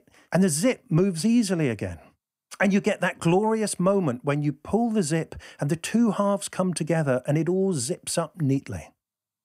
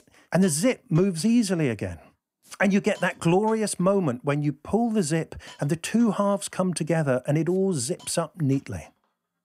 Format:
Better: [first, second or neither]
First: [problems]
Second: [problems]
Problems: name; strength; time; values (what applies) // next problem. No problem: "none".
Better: first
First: none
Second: hiss; faint; throughout; 30 dB below the speech